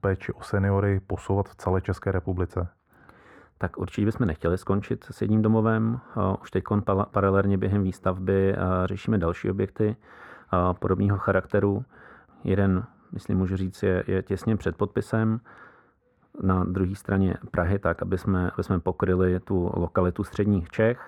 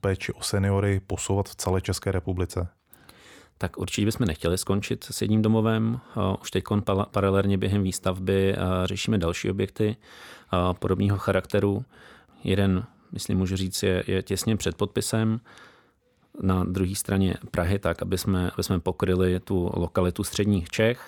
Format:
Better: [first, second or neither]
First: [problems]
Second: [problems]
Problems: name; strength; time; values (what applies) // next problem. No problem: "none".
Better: second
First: muffled; very; fading above 2 kHz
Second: none